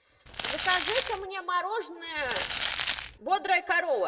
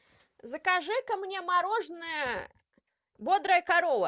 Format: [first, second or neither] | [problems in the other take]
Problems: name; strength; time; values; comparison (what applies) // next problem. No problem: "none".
second | background sound (Crumpling, crinkling); 3 dB below the speech // room echo; dies away in 0.8 s